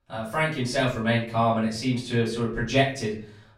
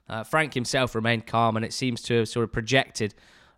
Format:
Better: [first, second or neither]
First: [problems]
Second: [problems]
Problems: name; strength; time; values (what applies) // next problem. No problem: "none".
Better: second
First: off-mic speech; far // room echo; slight; dies away in 0.4 s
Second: none